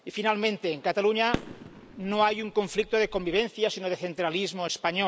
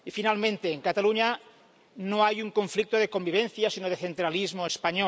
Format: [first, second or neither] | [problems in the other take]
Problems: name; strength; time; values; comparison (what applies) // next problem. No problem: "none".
second | background sound (Fireworks); 12 dB below the speech